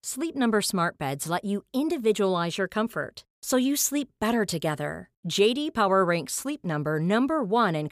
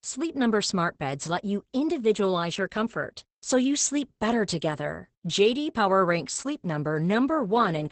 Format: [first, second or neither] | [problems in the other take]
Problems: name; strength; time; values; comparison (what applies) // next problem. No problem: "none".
first | garbled, watery; badly; nothing above 8 kHz